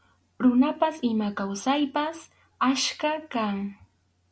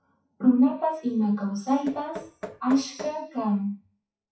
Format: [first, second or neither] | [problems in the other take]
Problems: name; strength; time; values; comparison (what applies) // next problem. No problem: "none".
first | noise reduction (classical method WPE with log-MMSE)